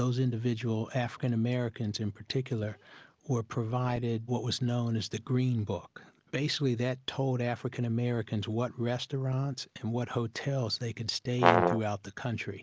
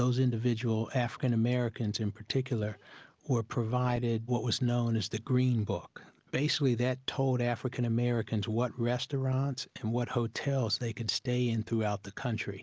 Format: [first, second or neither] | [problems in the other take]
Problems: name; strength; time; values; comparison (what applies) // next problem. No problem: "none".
second | background sound (Brass instrument); 4 dB above the speech